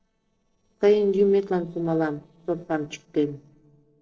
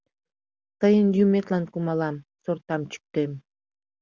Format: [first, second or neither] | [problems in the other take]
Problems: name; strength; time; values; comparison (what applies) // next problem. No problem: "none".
second | noise reduction (neural separator model SepFormer DNS4)